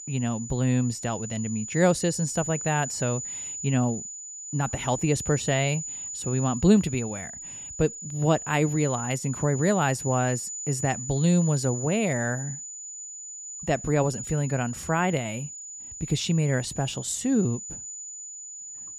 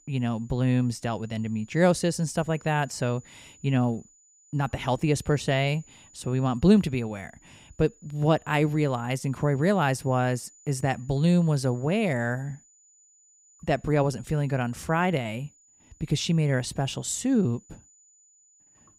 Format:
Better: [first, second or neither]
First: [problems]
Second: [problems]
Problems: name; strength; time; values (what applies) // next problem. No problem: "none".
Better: second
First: high-pitched whine; loud; throughout; 7 kHz, 8 dB below the speech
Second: high-pitched whine; faint; throughout; 7 kHz, 30 dB below the speech